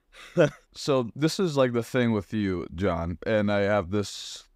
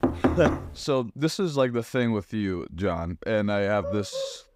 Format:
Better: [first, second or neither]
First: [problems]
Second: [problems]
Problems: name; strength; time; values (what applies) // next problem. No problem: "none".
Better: first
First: none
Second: door banging; loud; at the start; peak 2 dB above the speech // dog barking; noticeable; at 4 s; peak 7 dB below the speech